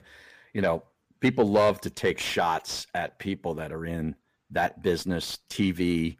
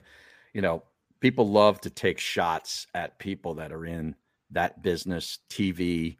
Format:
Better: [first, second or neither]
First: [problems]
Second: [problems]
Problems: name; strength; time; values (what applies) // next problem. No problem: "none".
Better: second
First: distortion; slight; 10 dB below the speech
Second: none